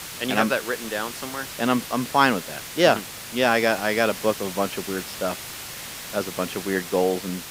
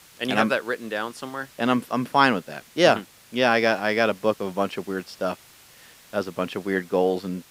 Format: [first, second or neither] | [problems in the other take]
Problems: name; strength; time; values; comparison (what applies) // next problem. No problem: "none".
second | hiss; loud; throughout; 10 dB below the speech; faint in the second